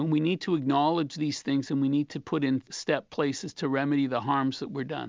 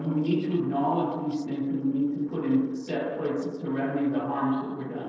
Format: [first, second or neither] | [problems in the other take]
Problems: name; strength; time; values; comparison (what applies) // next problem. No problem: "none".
first | noise reduction (neural separator model SepFormer DNS4)